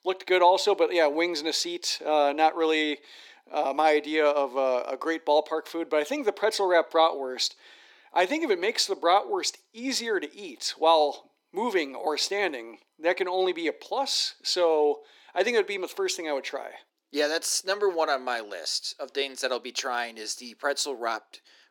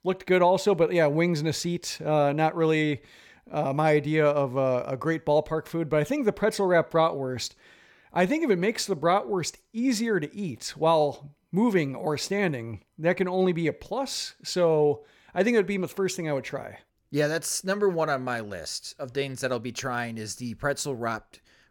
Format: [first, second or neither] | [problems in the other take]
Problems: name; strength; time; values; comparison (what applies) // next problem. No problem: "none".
second | thin; somewhat; fading below 300 Hz